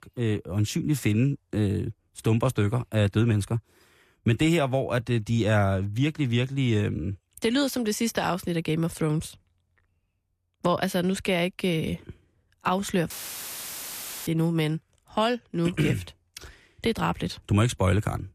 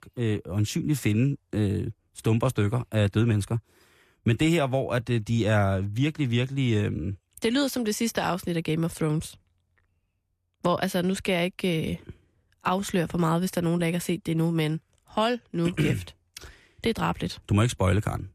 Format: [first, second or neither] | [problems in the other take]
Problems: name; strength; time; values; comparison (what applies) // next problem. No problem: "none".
second | audio cutting out; filled with static; at 13 s for 1 s